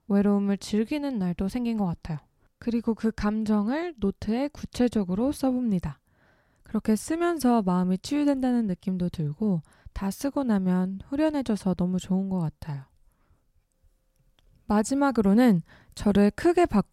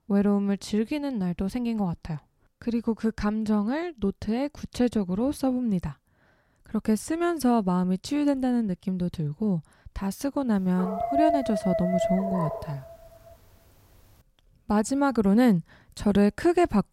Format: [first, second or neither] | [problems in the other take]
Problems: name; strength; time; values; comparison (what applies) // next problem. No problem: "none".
first | dog barking; loud; from 11 to 13 s; peak 2 dB above the speech